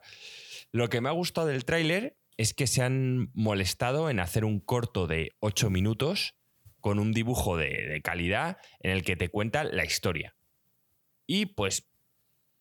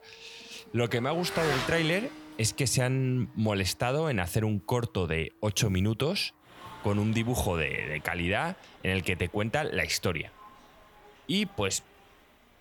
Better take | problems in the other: first | traffic noise; noticeable; throughout; 10 dB below the speech

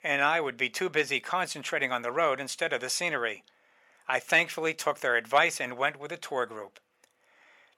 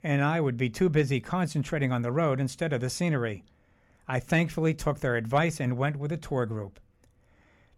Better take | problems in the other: second | thin; very; fading below 650 Hz

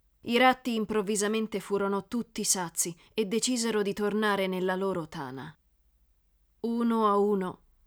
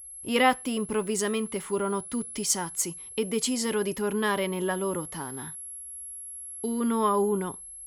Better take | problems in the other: first | high-pitched whine; noticeable; throughout; 11 kHz, 10 dB below the speech

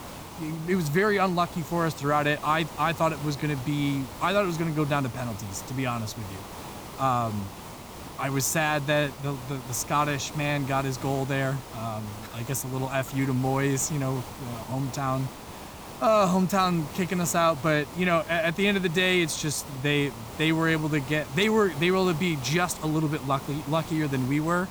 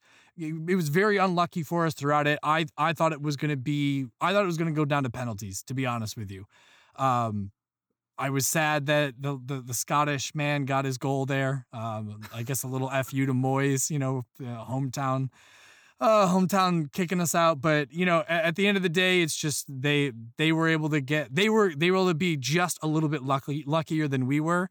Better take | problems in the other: second | hiss; noticeable; throughout; 15 dB below the speech

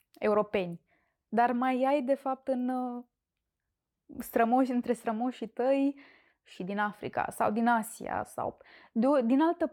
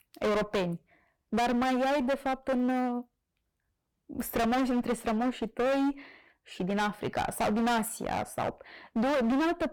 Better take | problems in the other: first | distortion; heavy; 23% of the sound clipped

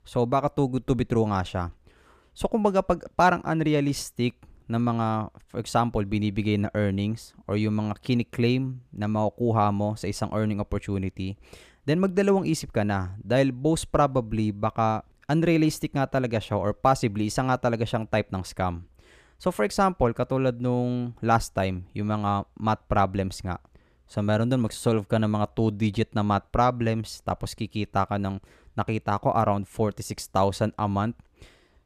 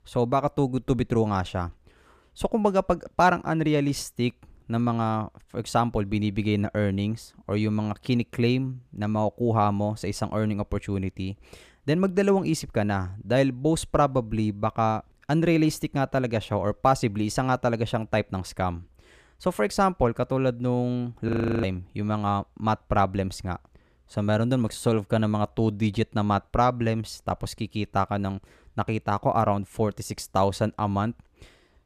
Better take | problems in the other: first | audio freezing; at 21 s

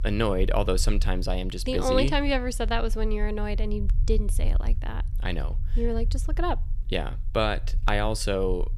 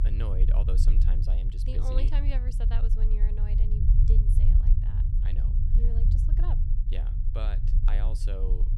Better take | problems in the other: first | low rumble; loud; throughout; 2 dB below the speech; faint in the first

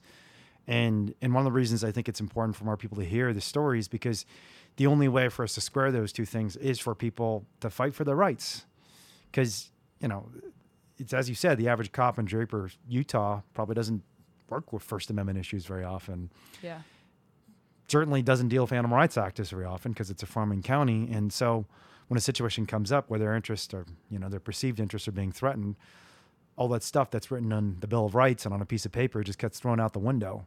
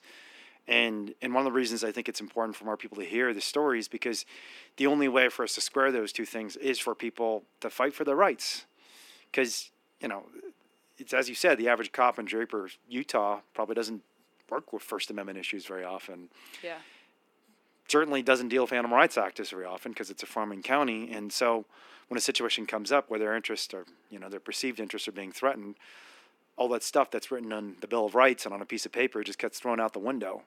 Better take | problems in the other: first | thin; somewhat; fading below 250 Hz

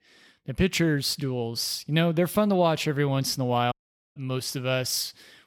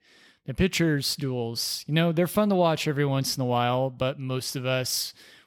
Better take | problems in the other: second | audio cutting out; at 3.5 s

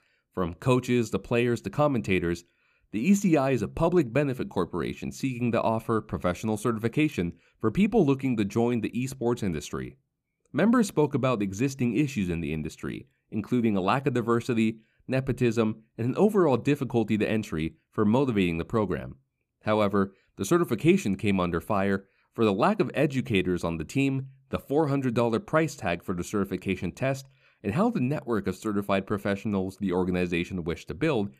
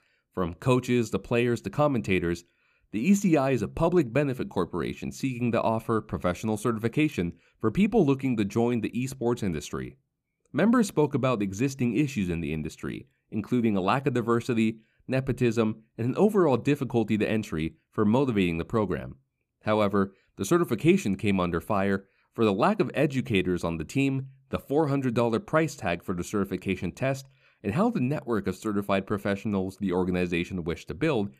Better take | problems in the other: neither | none

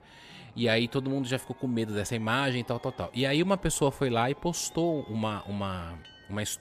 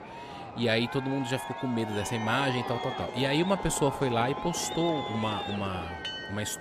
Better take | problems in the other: first | train or aircraft noise; loud; throughout; 6 dB below the speech; faint in the first

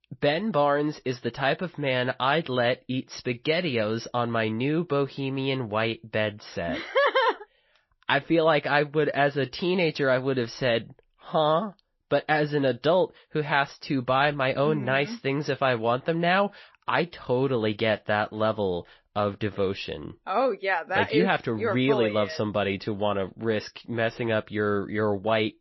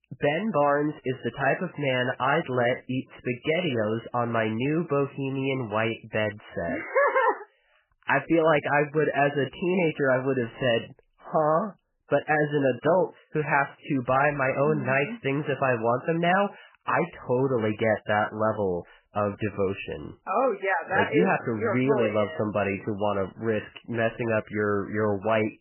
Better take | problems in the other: first | garbled, watery; badly; nothing above 3 kHz; slightly in the first

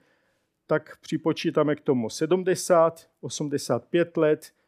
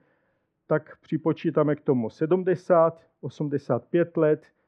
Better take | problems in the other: first | muffled; very; fading above 1.5 kHz

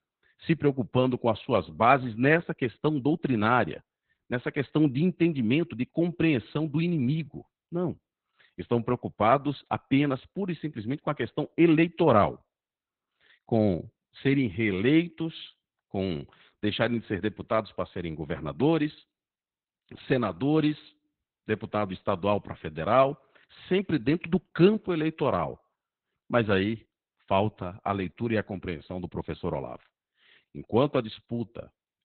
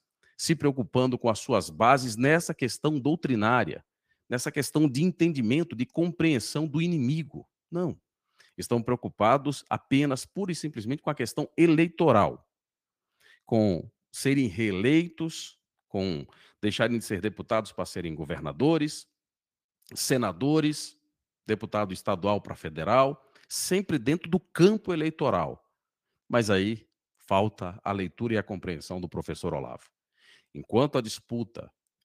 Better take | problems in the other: second | garbled, watery; badly; nothing above 4 kHz; slightly in the second

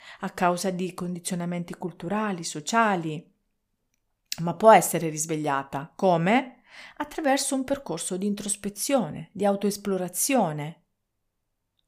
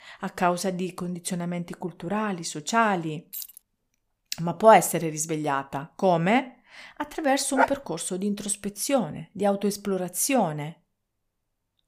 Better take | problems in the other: first | jangling keys; faint; at 3.5 s; peak 10 dB below the speech // dog barking; loud; at 7.5 s; peak level with the speech

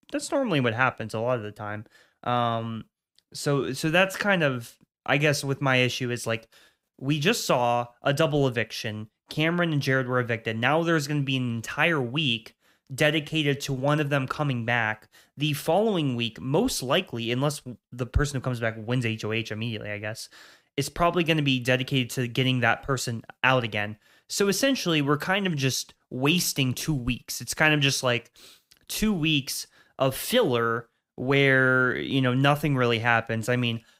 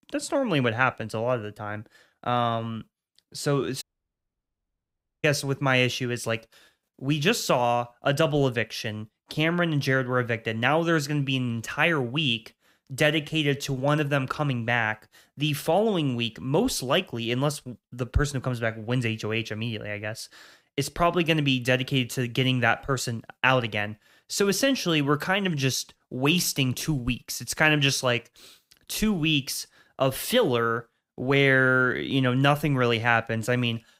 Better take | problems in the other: first | audio cutting out; at 4 s for 1.5 s

